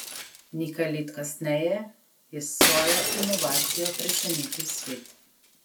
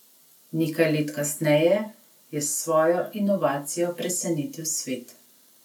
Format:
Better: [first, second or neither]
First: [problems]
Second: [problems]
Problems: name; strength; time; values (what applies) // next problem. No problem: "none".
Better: second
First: background sound (Shatter); 2 dB above the speech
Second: none